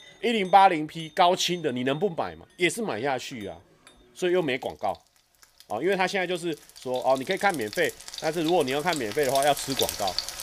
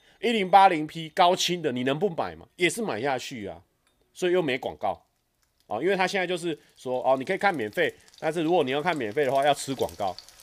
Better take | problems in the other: second | household noises; loud; throughout; 8 dB below the speech; faint in the second

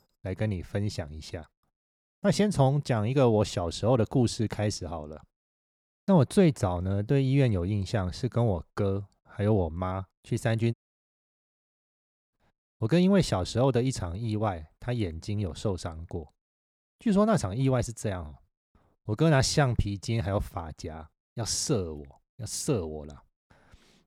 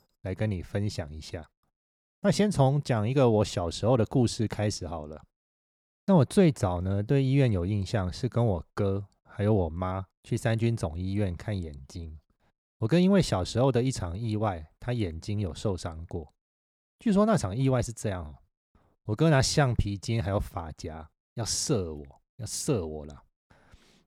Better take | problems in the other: second | audio cutting out; at 11 s for 1.5 s

